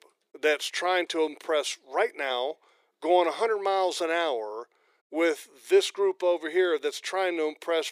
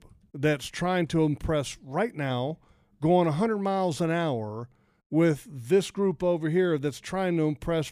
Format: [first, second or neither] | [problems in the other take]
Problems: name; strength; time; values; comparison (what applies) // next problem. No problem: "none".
second | thin; very; fading below 400 Hz